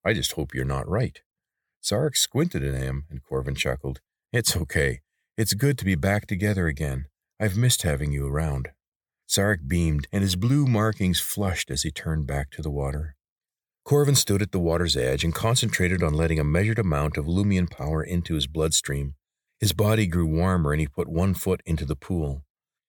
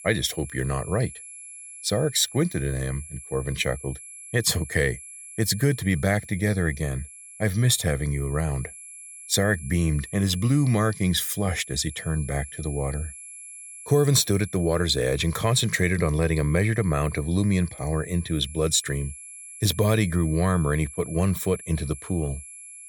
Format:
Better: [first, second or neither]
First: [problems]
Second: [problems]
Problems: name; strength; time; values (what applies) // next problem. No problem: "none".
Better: first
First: none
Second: high-pitched whine; noticeable; throughout; 11 kHz, 15 dB below the speech